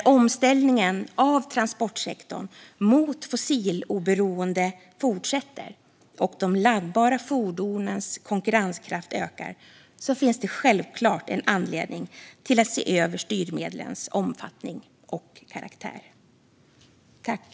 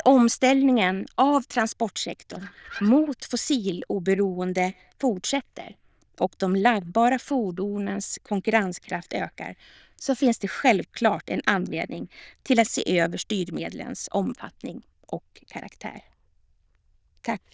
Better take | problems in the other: first | noise reduction (neural diffusion model UNIVERSE++)

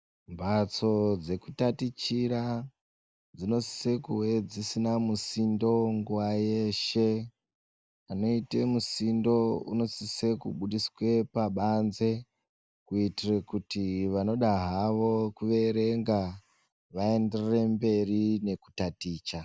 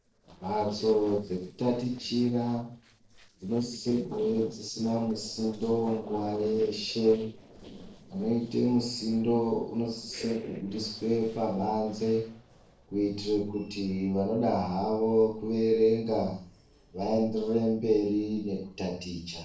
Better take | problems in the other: first | noise reduction (neural separator model SepFormer DNS4)

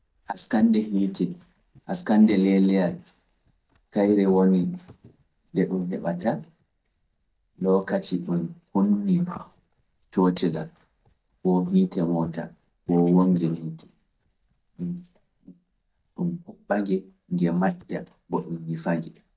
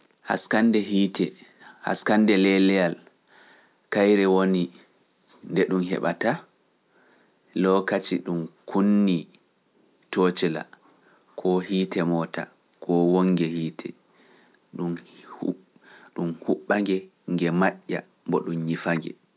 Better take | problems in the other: second | noise reduction (neural mask model DeepFilterNet 3)

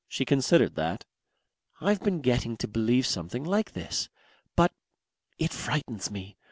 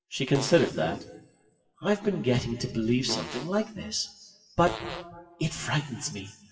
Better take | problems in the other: first | noise reduction (classical method WPE with log-MMSE)

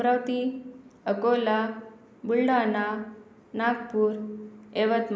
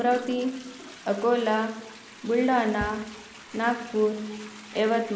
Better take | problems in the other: first | background sound (Toilet flush + Bass drum); 17 dB below the speech

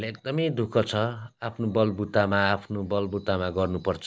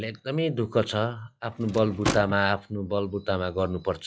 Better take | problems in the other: first | noise reduction (classical method log-MMSE)

